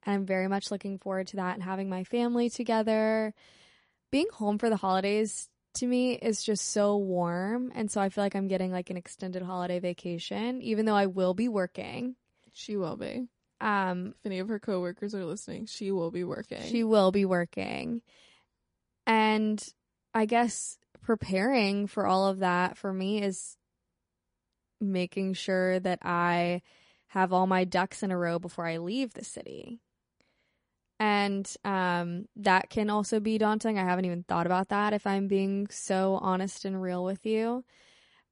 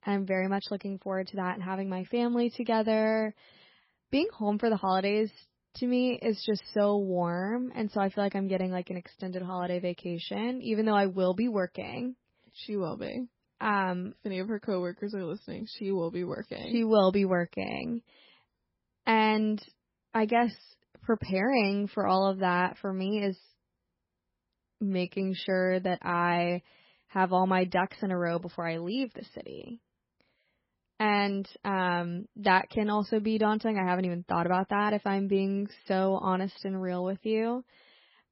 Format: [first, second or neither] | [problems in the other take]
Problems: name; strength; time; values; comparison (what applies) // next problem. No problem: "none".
first | garbled, watery; badly; nothing above 5.5 kHz; slightly in the first